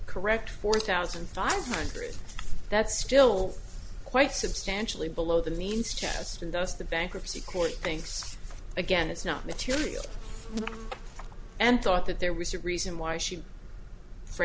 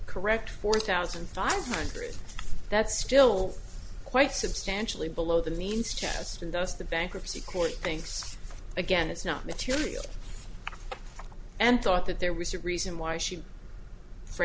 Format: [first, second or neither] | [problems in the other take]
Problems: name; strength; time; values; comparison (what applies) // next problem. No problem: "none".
second | background sound (Insect); 16 dB below the speech